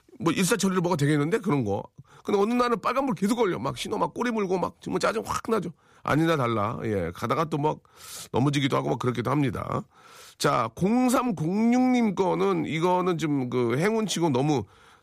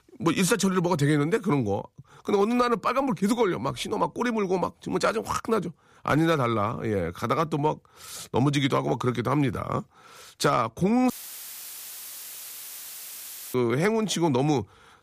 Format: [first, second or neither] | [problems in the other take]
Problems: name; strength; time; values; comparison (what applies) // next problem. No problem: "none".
first | audio cutting out; filled with static; at 11 s for 2.5 s